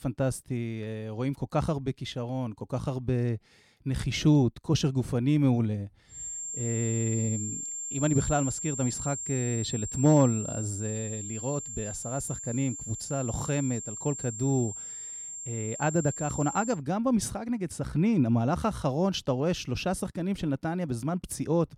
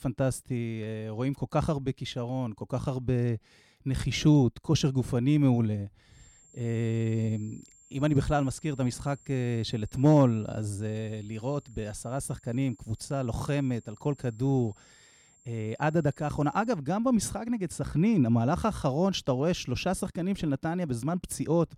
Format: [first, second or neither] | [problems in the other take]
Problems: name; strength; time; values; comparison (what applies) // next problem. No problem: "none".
second | high-pitched whine; loud; from 6 to 17 s; 7.5 kHz, 6 dB below the speech; faint in the second